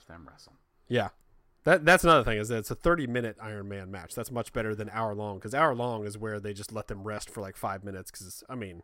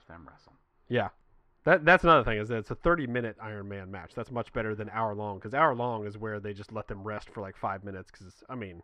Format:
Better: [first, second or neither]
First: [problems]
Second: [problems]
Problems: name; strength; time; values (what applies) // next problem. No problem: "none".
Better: first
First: none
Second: muffled; slightly; fading above 2.5 kHz